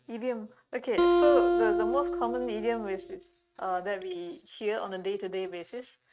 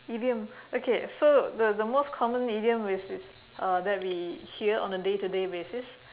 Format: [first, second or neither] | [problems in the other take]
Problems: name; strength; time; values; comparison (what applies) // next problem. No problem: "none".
second | noise reduction (neural mask model RNNoise)